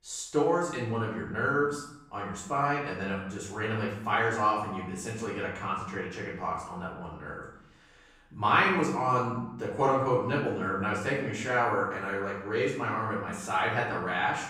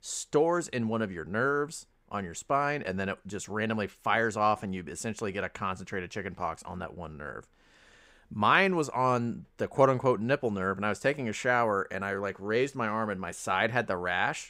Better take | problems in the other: second | off-mic speech; far // room echo; noticeable; dies away in 0.7 s

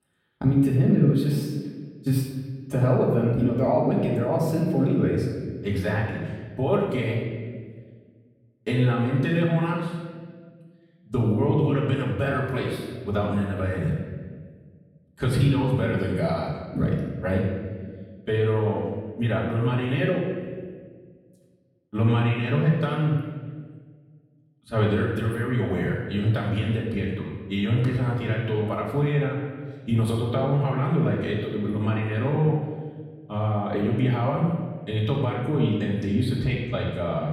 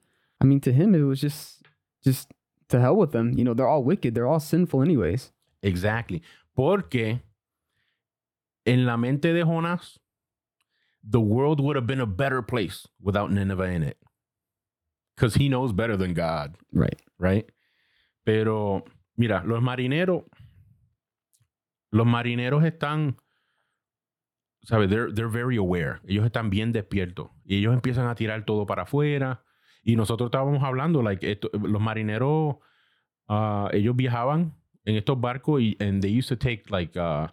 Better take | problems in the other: second | off-mic speech; far // room echo; noticeable; dies away in 1.4 s

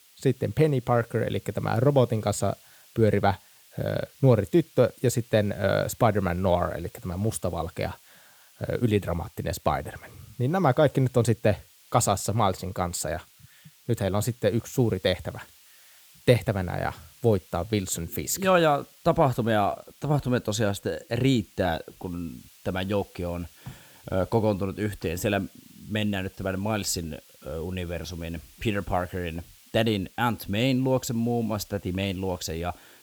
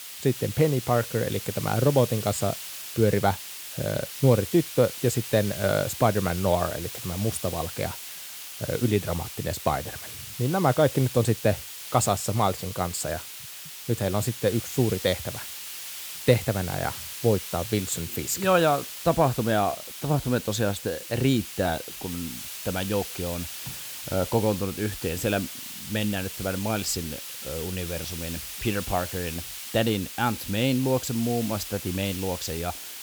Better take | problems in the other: first | hiss; loud; throughout; 8 dB below the speech; faint in the first

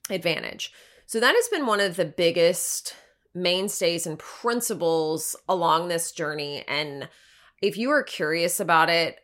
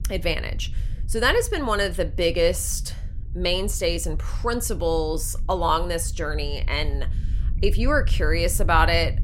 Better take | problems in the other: first | low rumble; faint; throughout; 25 dB below the speech

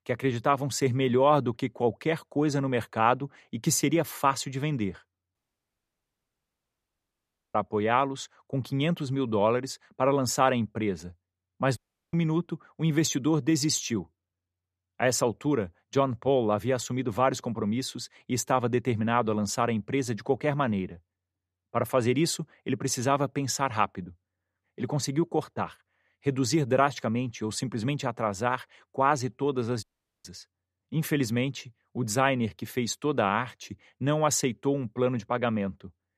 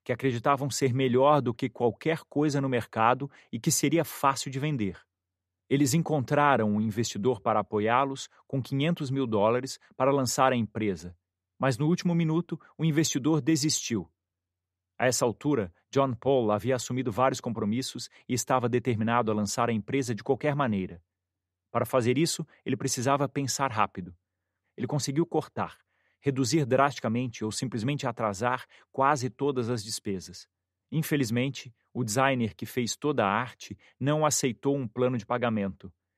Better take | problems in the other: second | audio cutting out; at 5.5 s for 2 s, at 12 s and at 30 s

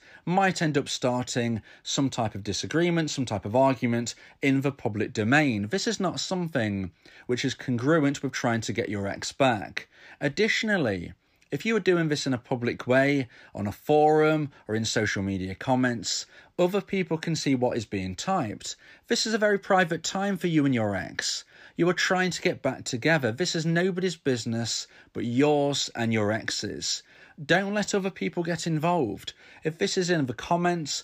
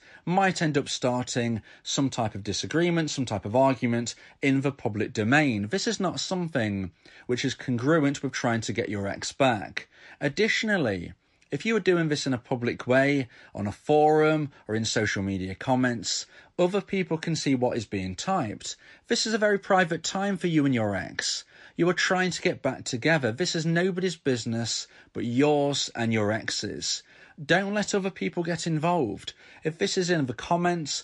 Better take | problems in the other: first | garbled, watery; slightly

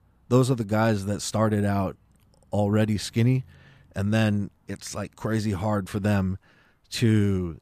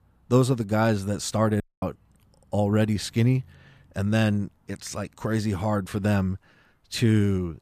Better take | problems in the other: first | audio cutting out; at 1.5 s

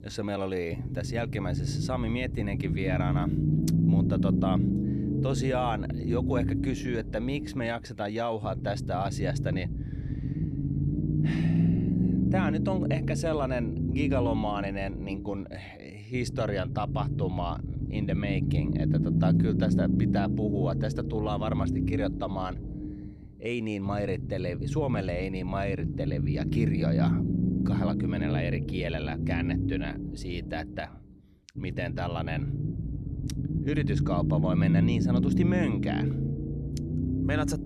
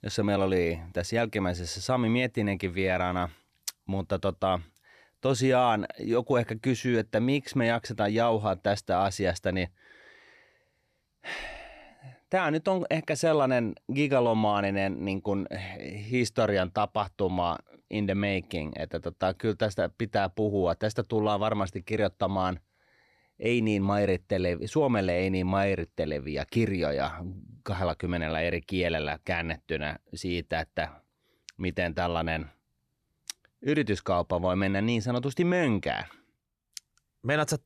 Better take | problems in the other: second | low rumble; loud; throughout; 3 dB below the speech

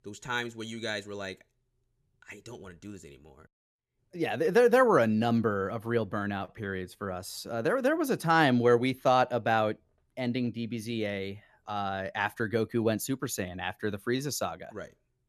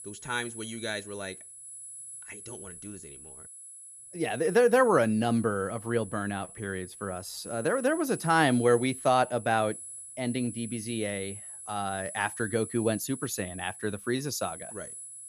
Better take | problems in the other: first | high-pitched whine; noticeable; throughout; 10.5 kHz, 15 dB below the speech

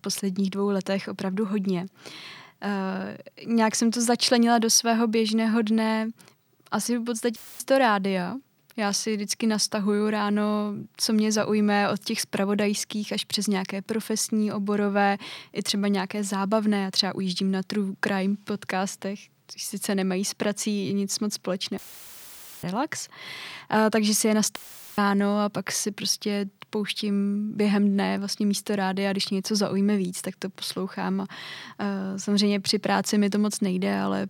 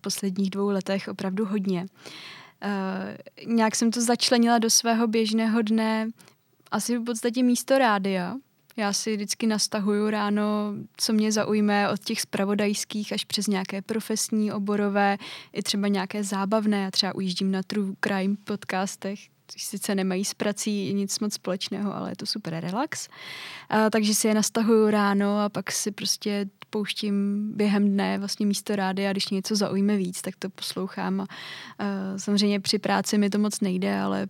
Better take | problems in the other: second | audio cutting out; filled with static; at 7.5 s, at 22 s for 1 s and at 25 s

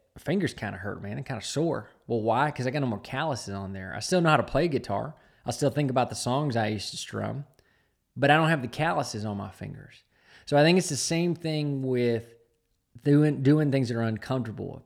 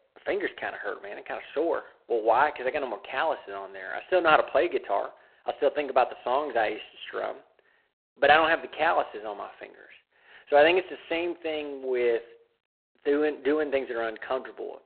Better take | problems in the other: first | phone-call audio; poor line; nothing above 4 kHz

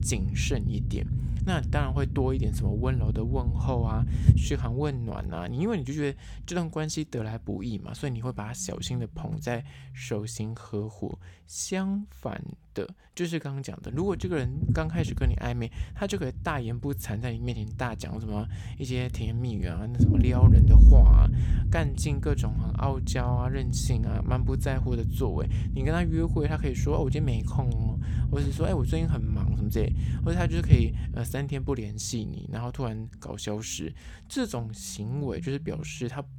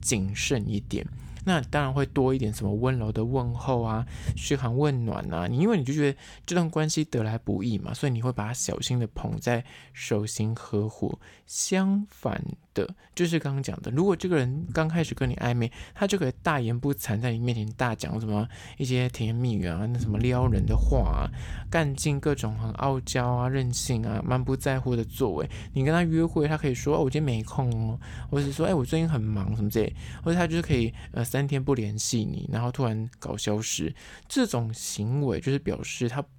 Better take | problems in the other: second | low rumble; loud; throughout; 6 dB below the speech; faint in the second

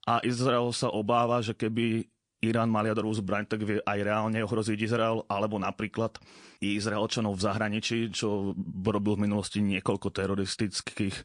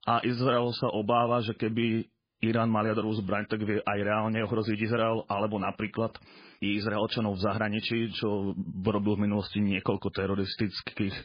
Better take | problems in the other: first | garbled, watery; badly; slightly in the first

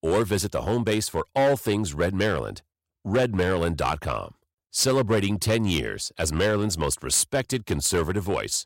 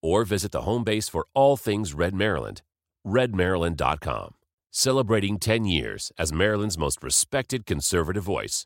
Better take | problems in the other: second | distortion; slight; 6% of the sound clipped

